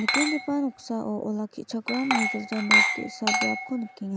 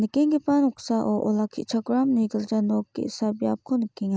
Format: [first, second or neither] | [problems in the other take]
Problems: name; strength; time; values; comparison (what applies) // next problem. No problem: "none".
second | background sound (Glass); 2 dB above the speech